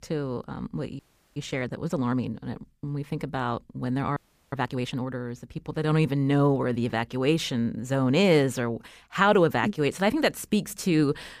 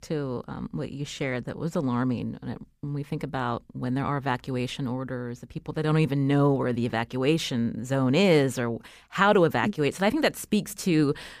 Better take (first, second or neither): second